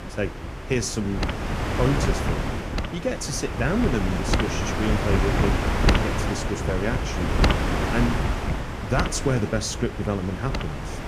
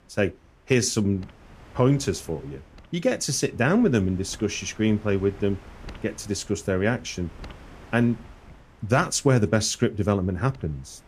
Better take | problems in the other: second | wind noise on the microphone; heavy; 1 dB above the speech; occasional gusts in the second

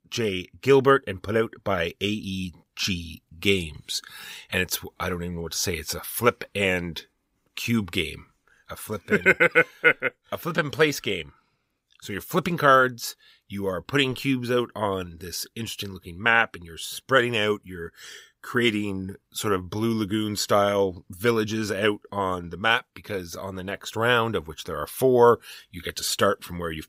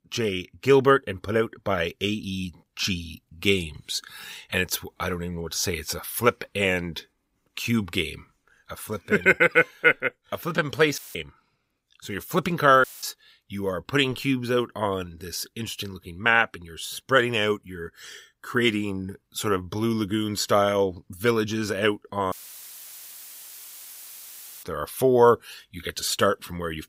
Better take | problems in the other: first | audio cutting out; filled with static; at 11 s, at 13 s and at 22 s for 2.5 s

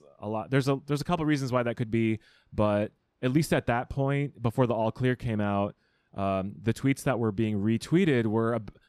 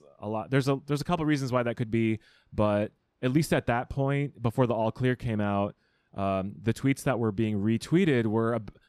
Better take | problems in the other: neither | none

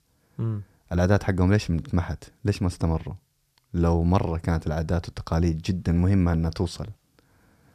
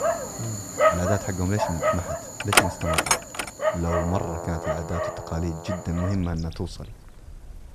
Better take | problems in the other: first | animal sounds; very loud; throughout; 4 dB above the speech

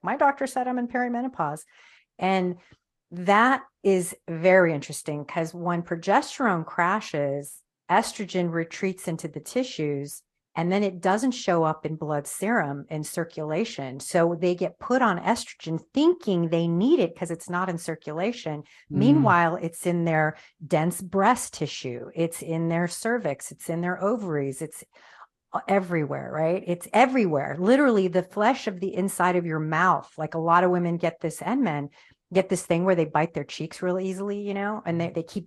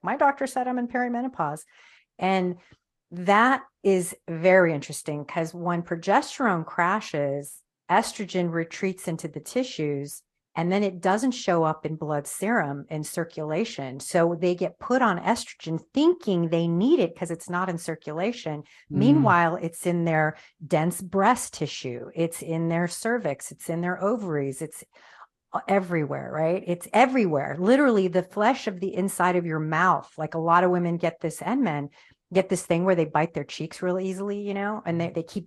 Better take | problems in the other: neither | garbled, watery; slightly; nothing above 12 kHz; the same in both

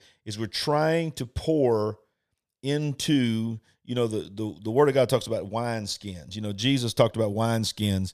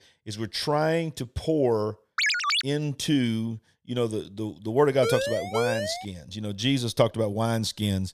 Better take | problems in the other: first | phone ringing; loud; at 2 s; peak 5 dB above the speech // siren; noticeable; from 5 to 6 s; peak 1 dB below the speech

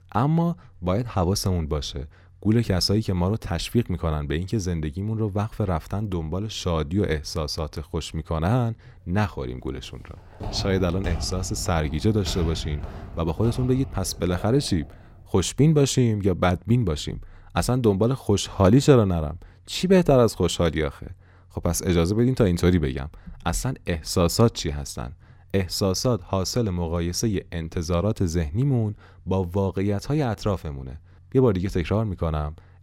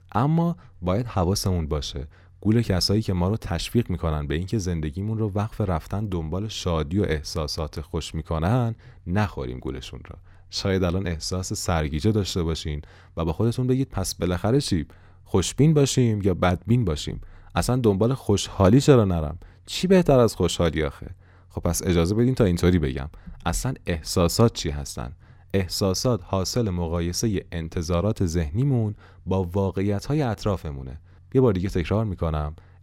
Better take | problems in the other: second | footsteps; noticeable; from 10 to 15 s; peak 8 dB below the speech

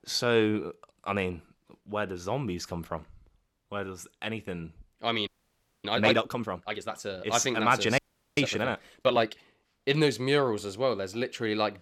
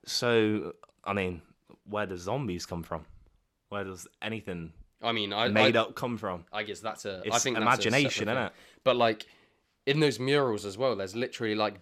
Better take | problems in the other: second | audio freezing; at 5.5 s for 0.5 s and at 8 s

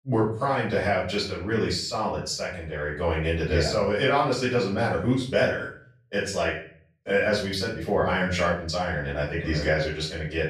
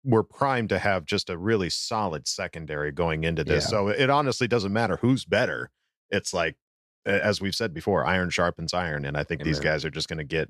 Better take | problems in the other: second | off-mic speech; far // room echo; noticeable; dies away in 0.4 s

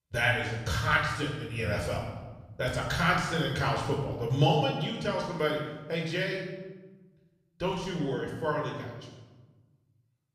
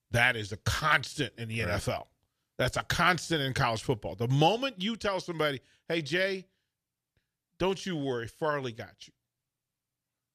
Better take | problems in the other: second | off-mic speech; far // room echo; noticeable; dies away in 1.1 s

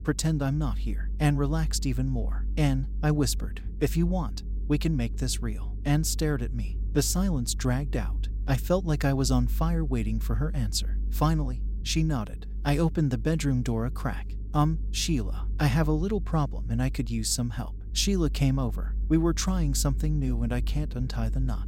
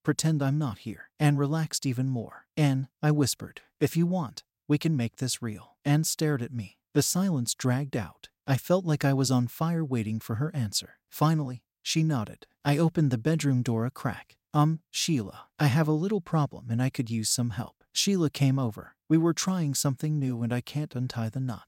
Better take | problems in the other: second | low rumble; faint; throughout; 20 dB below the speech

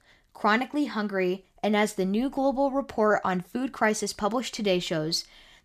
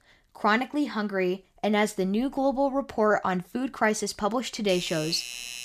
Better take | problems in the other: first | doorbell; noticeable; from 4.5 s on; peak 8 dB below the speech

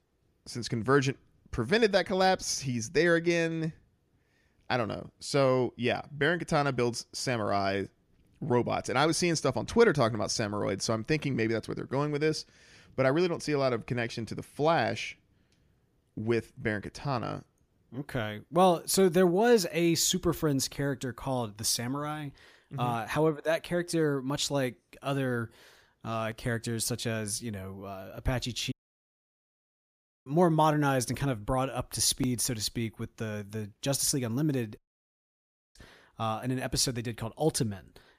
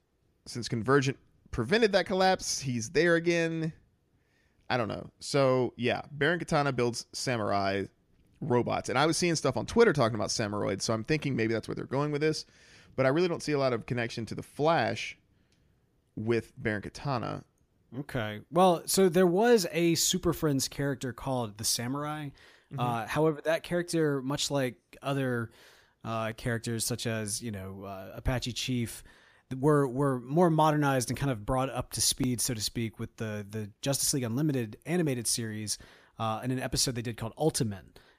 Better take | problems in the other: second | audio cutting out; at 29 s for 1.5 s and at 35 s for 1 s

